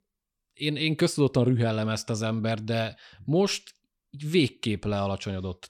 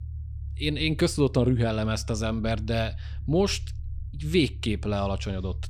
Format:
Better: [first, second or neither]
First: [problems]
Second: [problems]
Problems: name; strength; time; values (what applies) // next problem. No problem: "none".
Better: first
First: none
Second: low rumble; faint; throughout; 25 dB below the speech